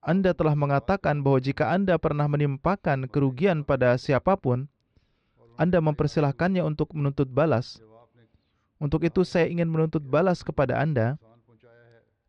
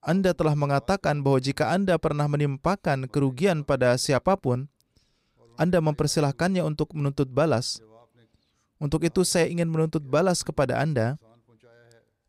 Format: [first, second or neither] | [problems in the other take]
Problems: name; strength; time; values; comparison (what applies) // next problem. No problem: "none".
second | muffled; slightly; fading above 3.5 kHz